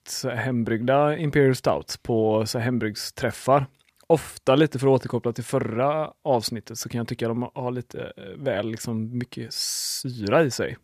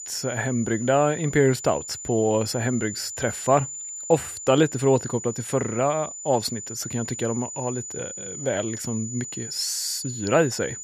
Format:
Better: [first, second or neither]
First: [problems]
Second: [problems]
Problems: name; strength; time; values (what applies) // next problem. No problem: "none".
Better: first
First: none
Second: high-pitched whine; loud; throughout; 7 kHz, 9 dB below the speech